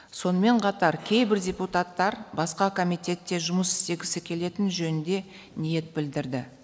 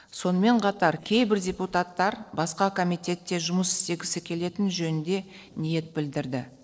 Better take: first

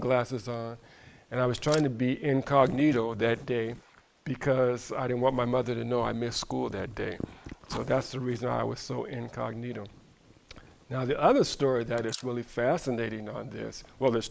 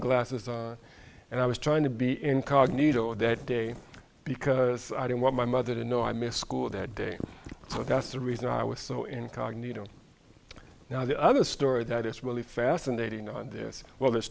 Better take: second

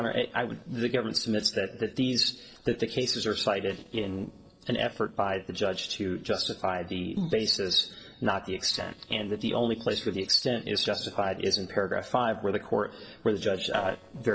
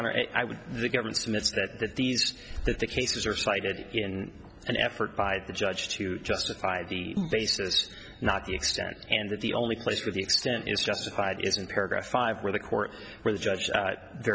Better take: second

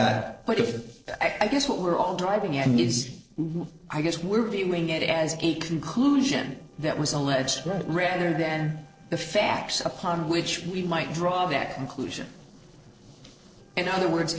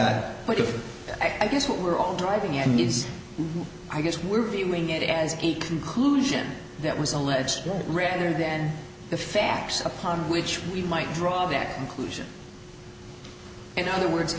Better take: second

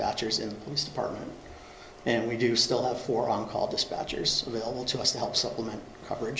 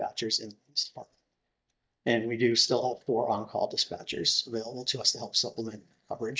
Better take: first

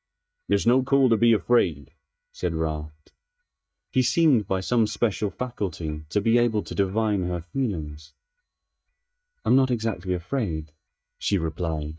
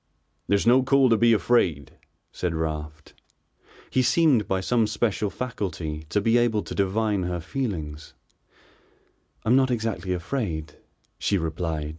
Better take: second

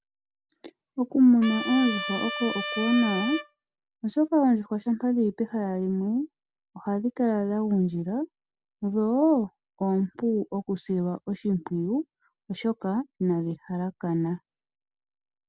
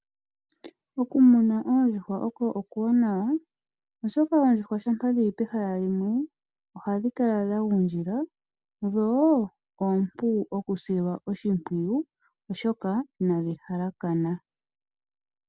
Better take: second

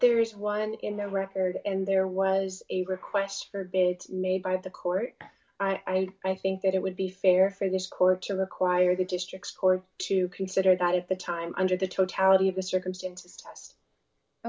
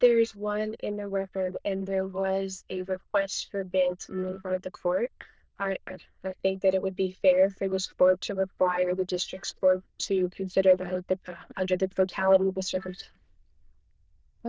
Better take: first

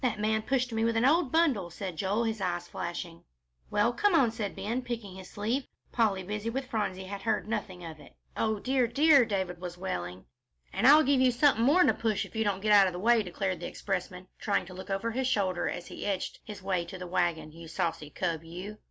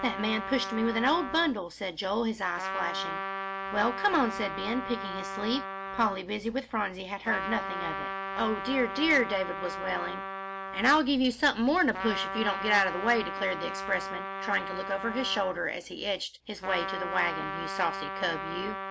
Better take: first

